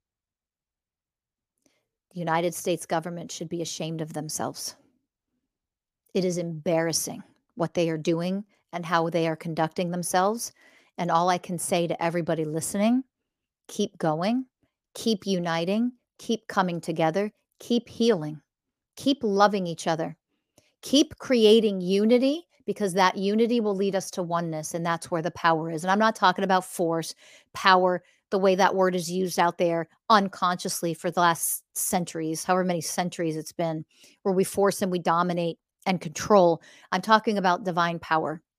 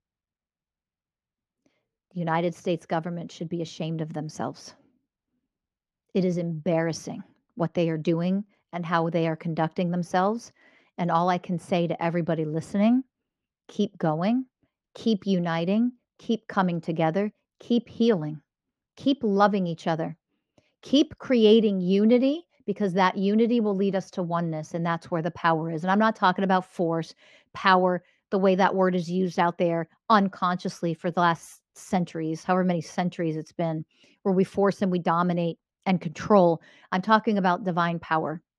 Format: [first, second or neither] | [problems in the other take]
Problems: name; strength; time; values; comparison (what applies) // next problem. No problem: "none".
first | muffled; slightly; fading above 3.5 kHz